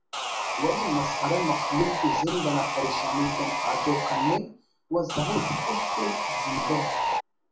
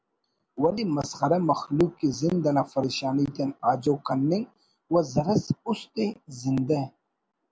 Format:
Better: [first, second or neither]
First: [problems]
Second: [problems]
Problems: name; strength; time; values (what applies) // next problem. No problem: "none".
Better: second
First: background sound (Sawing); 1 dB above the speech // room echo; dies away in 0.3 s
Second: none